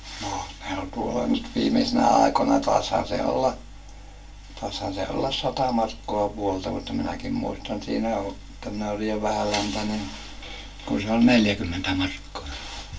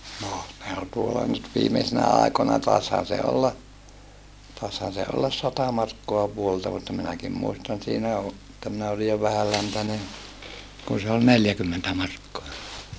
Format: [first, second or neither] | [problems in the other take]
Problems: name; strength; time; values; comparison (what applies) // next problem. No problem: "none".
second | room echo; dies away in 0.2 s